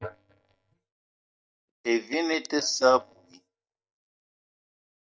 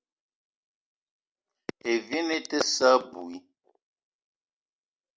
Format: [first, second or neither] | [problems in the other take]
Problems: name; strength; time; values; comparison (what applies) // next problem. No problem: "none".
second | noise reduction (neural mask model DeepFilterNet 3)